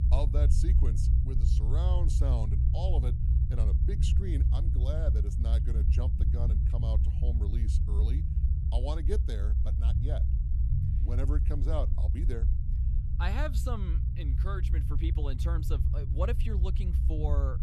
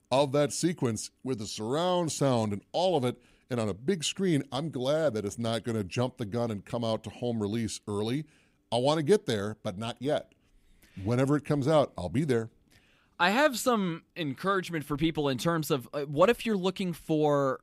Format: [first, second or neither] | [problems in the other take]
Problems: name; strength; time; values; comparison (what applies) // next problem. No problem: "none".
second | low rumble; loud; throughout; 4 dB below the speech